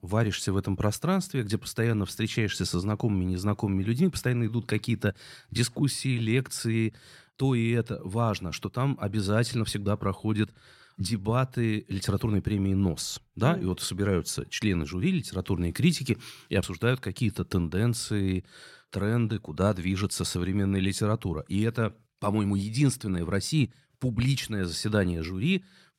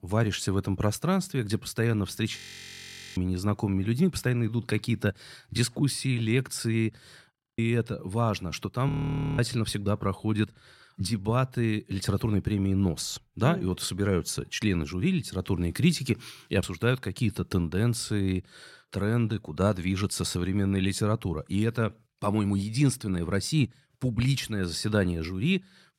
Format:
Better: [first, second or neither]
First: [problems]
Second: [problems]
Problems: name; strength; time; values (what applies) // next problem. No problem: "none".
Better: first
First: none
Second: audio freezing; at 2.5 s for 1 s, at 7.5 s and at 9 s